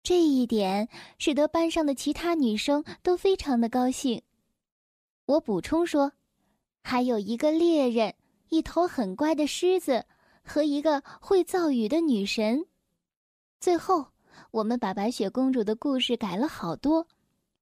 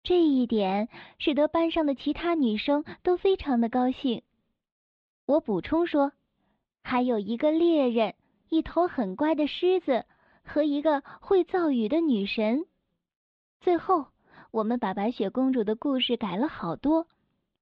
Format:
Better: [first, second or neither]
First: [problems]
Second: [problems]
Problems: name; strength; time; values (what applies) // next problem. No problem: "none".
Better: first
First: none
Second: muffled; slightly; fading above 3.5 kHz